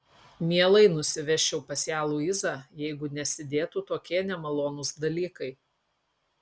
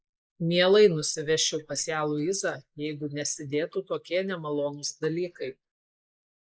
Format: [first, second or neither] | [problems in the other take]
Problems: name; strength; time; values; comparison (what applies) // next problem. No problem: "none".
first | noise reduction (neural mask model Resemble Enhance denoiser)